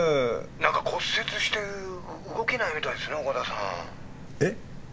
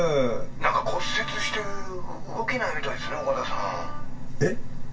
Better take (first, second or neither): first